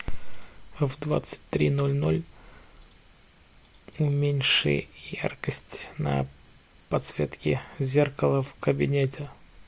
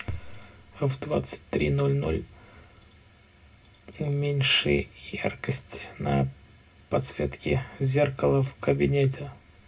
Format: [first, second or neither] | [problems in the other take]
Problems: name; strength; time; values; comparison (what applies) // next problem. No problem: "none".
first | room echo; dies away in 0.2 s